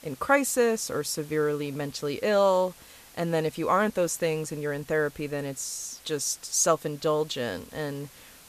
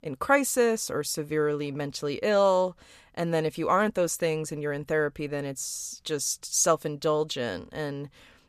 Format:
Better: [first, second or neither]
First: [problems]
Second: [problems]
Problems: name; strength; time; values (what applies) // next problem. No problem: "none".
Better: second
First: hiss; faint; throughout; 20 dB below the speech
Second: none